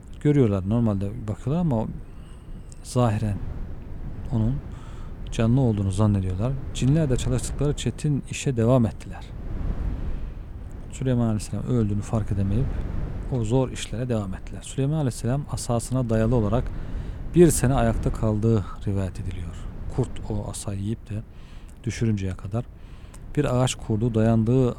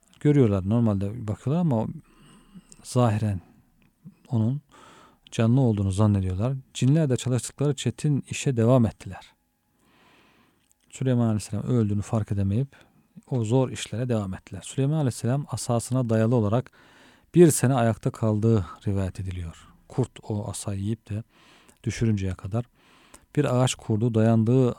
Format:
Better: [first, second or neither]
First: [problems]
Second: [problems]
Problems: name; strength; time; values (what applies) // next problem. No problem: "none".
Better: second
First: wind noise on the microphone; occasional gusts; 20 dB below the speech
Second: none